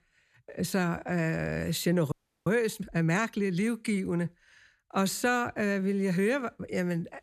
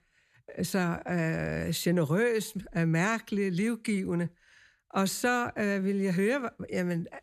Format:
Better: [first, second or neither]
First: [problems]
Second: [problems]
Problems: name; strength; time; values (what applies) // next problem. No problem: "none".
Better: second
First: audio freezing; at 2 s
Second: none